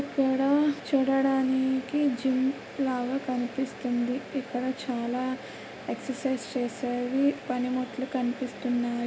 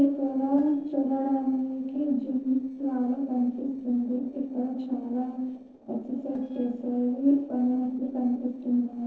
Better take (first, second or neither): first